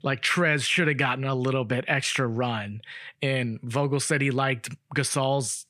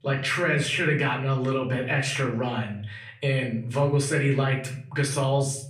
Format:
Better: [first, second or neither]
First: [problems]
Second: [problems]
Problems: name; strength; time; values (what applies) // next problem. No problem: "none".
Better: first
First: none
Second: off-mic speech; far // room echo; slight; dies away in 0.5 s